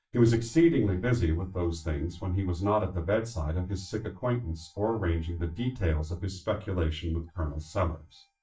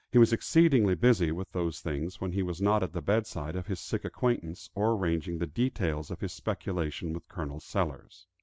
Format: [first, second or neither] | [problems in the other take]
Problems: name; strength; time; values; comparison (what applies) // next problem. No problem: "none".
second | noise reduction (neural mask model DeepFilterNet 3)